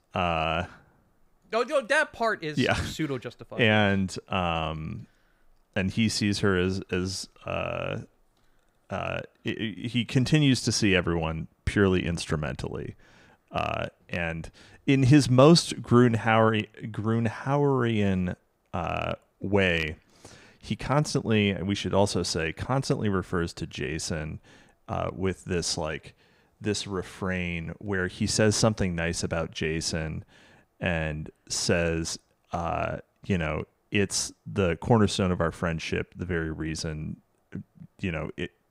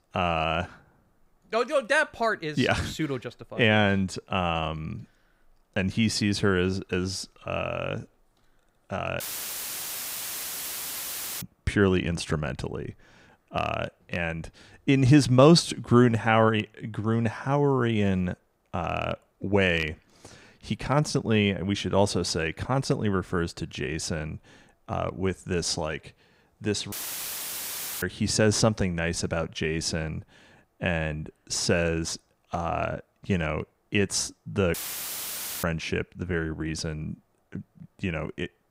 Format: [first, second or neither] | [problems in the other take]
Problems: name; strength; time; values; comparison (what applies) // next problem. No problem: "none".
first | audio cutting out; filled with static; at 9 s for 2 s, at 27 s for 1 s and at 35 s for 1 s